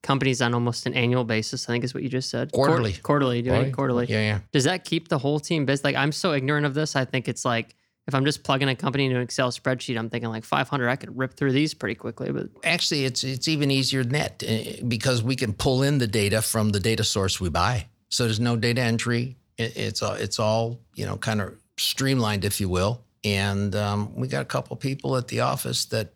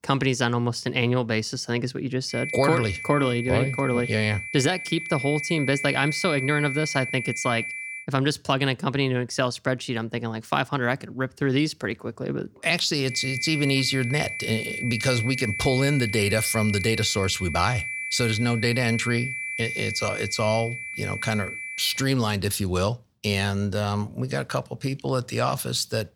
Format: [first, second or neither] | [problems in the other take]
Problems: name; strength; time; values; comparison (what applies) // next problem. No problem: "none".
first | high-pitched whine; loud; from 2.5 to 8 s and from 13 to 22 s; 2.5 kHz, 5 dB below the speech